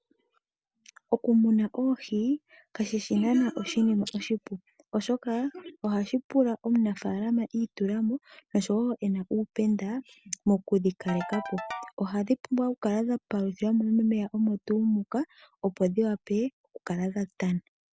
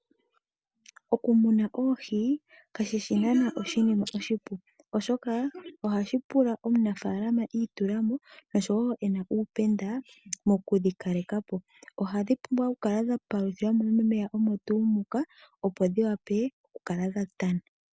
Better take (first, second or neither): second